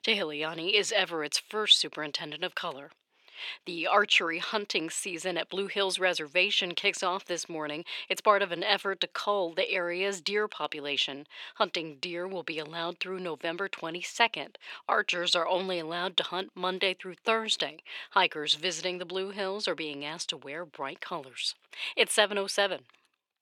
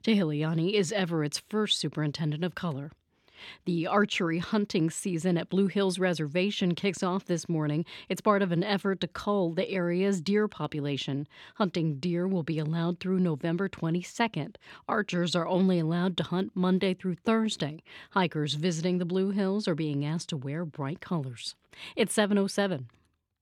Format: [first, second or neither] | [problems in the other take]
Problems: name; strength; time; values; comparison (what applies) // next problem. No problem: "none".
second | thin; very; fading below 600 Hz